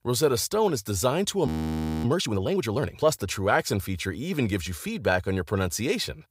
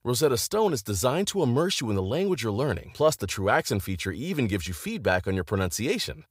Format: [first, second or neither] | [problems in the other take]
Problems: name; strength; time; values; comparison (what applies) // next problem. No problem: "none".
second | audio freezing; at 1.5 s for 0.5 s